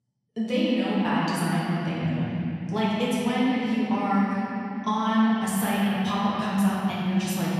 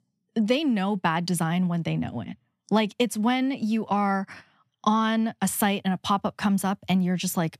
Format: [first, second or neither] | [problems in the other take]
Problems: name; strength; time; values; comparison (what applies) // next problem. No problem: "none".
second | room echo; strong; dies away in 3 s // off-mic speech; far